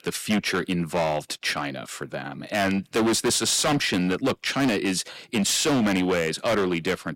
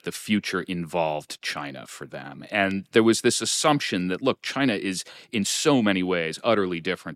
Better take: second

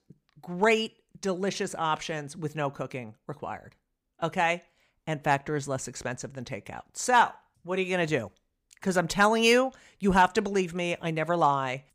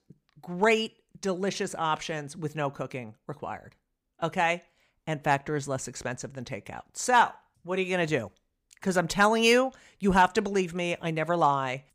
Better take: neither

